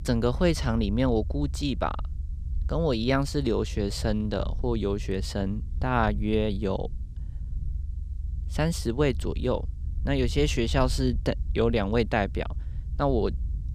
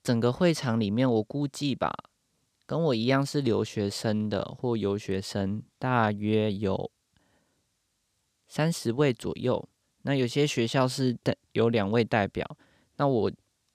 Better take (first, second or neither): second